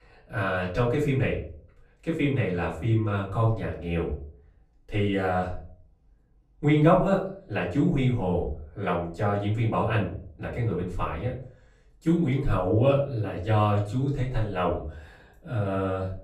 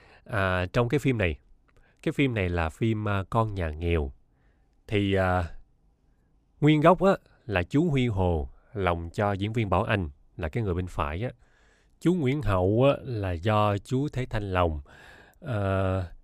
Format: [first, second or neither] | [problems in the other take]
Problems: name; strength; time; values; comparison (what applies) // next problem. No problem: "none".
second | off-mic speech; far // room echo; slight; dies away in 0.4 s